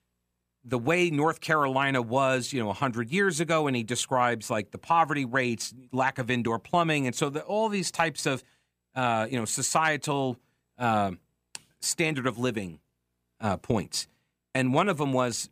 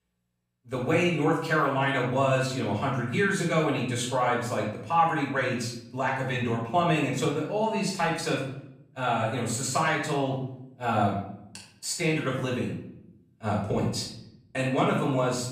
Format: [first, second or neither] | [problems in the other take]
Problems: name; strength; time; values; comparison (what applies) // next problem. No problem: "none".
first | off-mic speech; far // room echo; noticeable; dies away in 0.7 s